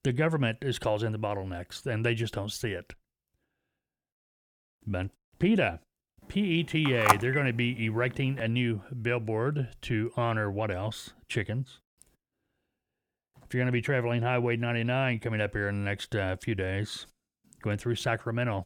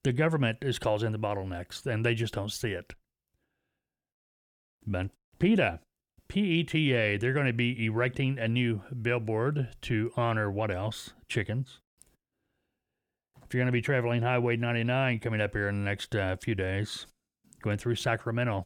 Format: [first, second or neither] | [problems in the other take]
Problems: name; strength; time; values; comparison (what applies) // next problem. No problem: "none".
second | phone ringing; loud; at 7 s; peak 5 dB above the speech